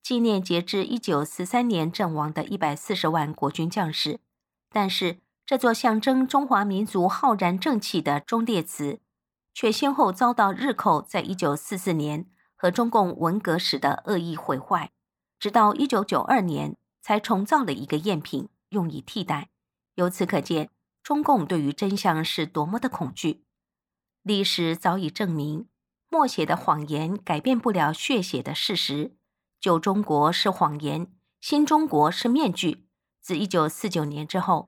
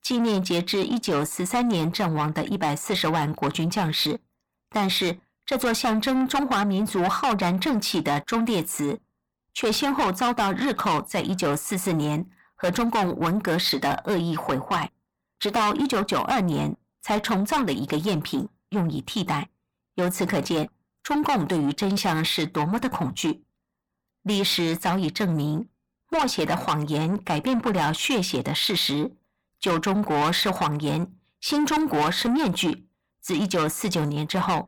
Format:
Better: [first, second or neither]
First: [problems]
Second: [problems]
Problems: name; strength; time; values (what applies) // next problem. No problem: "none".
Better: first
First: none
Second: distortion; heavy; 7 dB below the speech